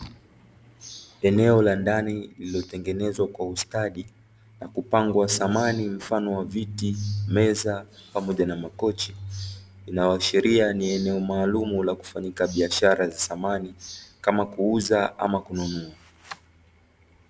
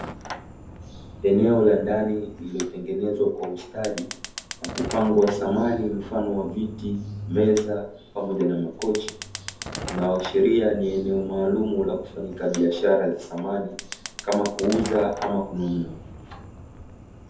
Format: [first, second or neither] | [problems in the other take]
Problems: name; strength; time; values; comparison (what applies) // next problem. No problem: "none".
first | background sound (Fire); 14 dB below the speech // room echo; dies away in 0.5 s